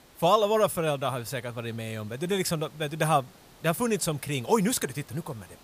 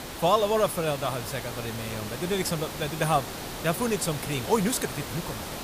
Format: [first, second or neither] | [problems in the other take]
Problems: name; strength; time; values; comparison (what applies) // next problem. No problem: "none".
first | hiss; loud; throughout; 8 dB below the speech; faint in the first